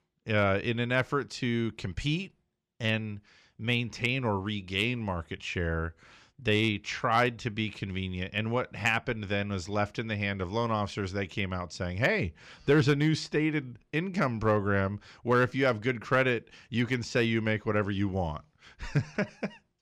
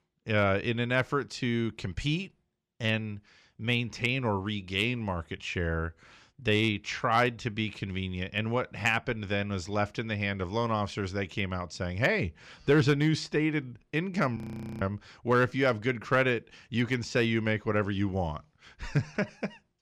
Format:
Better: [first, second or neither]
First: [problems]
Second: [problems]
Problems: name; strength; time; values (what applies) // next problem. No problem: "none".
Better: first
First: none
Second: audio freezing; at 14 s